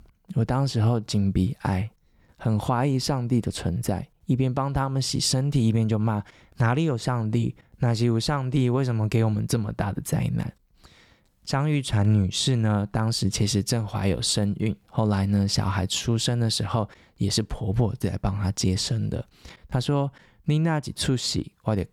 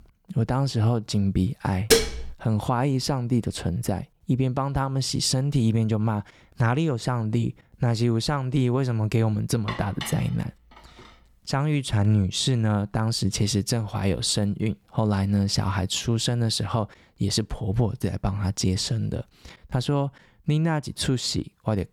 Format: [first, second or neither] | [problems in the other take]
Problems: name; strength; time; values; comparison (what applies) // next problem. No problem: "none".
first | clattering dishes; loud; at 2 s; peak 5 dB above the speech // clattering dishes; noticeable; from 9.5 to 11 s; peak 10 dB below the speech